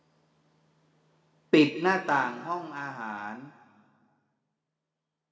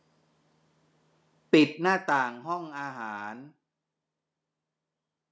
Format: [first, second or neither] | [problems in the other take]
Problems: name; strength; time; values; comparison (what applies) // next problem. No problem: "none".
second | room echo; dies away in 1.7 s